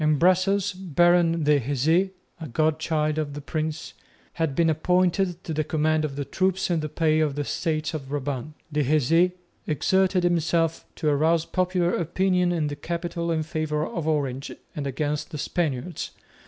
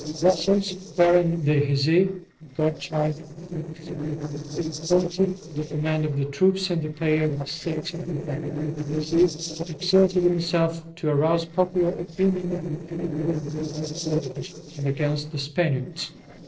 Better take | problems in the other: first | noise reduction (neural separator model SepFormer DNS4)

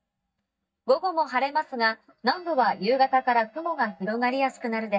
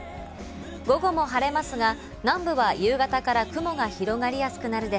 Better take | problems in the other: second | noise reduction (neural mask model DeepFilterNet 3)

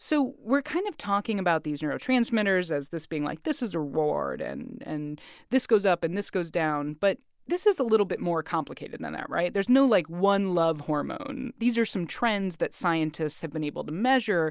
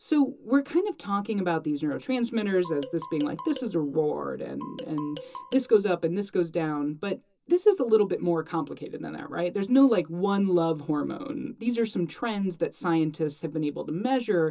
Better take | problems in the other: first | background sound (Marimba, xylophone); 16 dB below the speech // room echo; dies away in 0.2 s

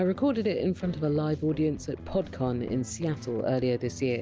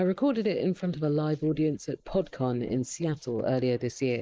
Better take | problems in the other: first | noise reduction (neural mask model Resemble Enhance denoiser)

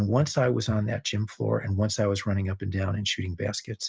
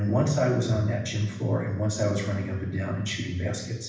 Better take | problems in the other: first | background sound (Electric guitar / Strum); 13 dB below the speech // room echo; dies away in 0.9 s

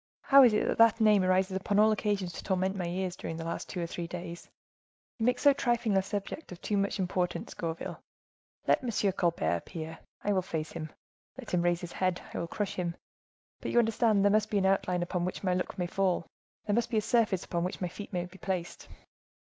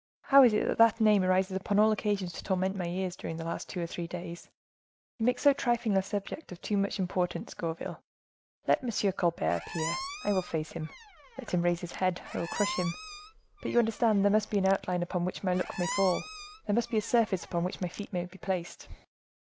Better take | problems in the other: first | background sound (Squeak); 12 dB below the speech

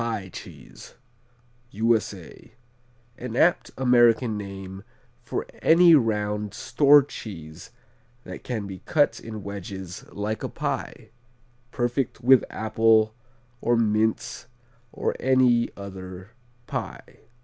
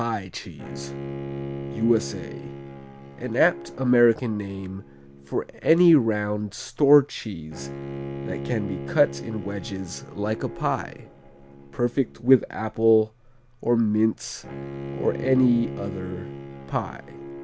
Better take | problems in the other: first | background sound (Bowed string instrument); 12 dB below the speech

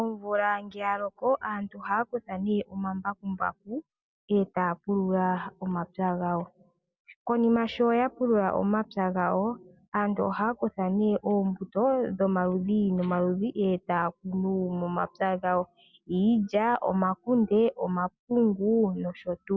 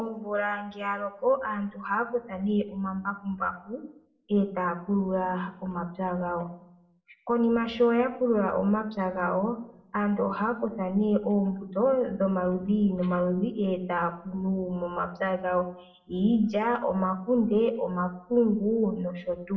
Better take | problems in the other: first | room echo; dies away in 0.5 s

